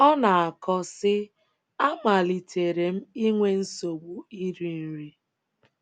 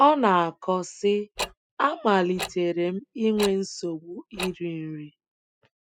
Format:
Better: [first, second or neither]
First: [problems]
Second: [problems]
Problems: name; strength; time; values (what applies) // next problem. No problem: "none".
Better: first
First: none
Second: noise reduction (classical method spectral subtraction)